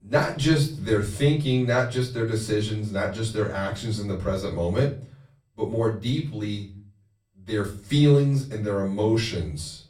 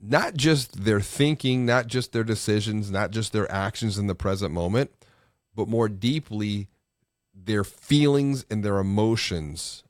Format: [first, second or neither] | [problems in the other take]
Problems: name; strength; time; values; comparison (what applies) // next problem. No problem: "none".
second | off-mic speech; far // room echo; slight; dies away in 0.4 s